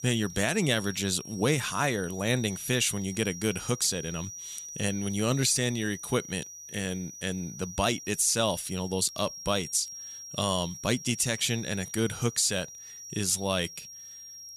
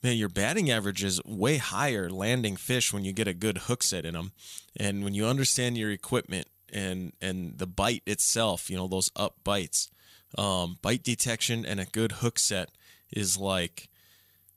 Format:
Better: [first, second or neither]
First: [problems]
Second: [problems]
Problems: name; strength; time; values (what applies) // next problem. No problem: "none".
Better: second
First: high-pitched whine; noticeable; throughout; 5.5 kHz, 10 dB below the speech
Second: none